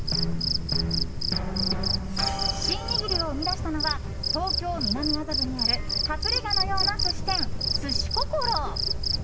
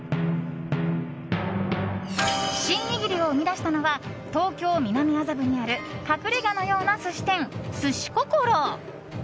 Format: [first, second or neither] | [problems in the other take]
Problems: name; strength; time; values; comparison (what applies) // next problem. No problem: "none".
second | background sound (Cricket); 5 dB above the speech // room echo; dies away in 1 s